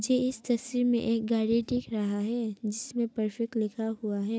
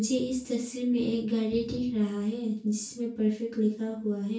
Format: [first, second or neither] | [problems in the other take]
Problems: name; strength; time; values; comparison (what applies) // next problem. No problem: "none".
first | room echo; dies away in 0.3 s